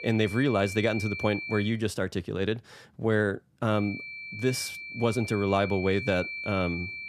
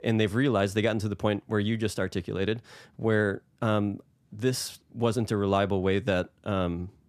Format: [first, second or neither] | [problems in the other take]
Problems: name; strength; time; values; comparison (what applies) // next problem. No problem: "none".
second | high-pitched whine; loud; until 1.5 s and from 4 s on; 2.5 kHz, 8 dB below the speech